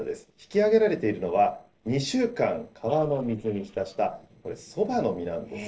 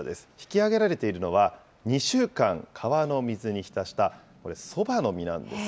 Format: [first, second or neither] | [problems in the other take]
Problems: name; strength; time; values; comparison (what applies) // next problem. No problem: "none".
second | noise reduction (neural separator model SepFormer DNS4)